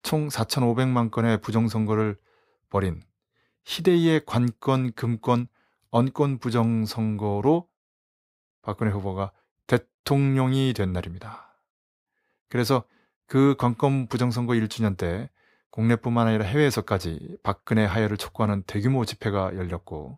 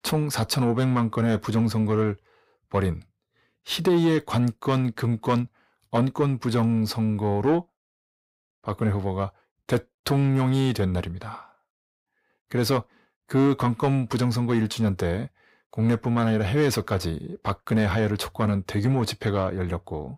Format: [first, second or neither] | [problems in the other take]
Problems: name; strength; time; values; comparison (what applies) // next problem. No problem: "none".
first | distortion; slight; 10 dB below the speech